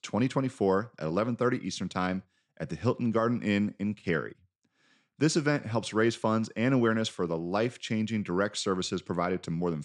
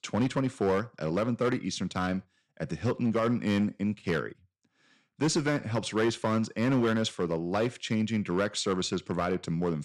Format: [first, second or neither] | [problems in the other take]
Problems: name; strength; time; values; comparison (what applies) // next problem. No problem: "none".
first | distortion; slight; 5% of the sound clipped